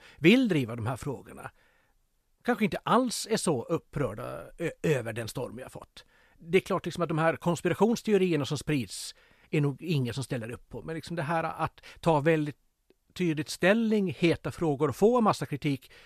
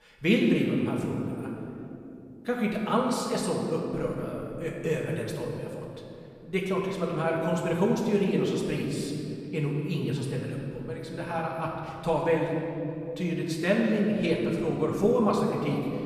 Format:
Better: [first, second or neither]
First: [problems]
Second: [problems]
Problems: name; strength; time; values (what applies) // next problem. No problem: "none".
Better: first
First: none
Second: room echo; noticeable; dies away in 2.5 s // off-mic speech; far